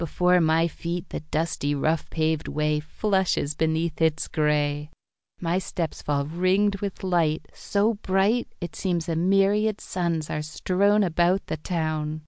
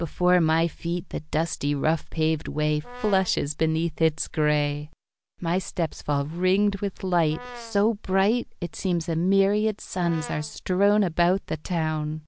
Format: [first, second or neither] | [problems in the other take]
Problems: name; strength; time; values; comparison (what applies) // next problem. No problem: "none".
first | background sound (Brass instrument); 18 dB below the speech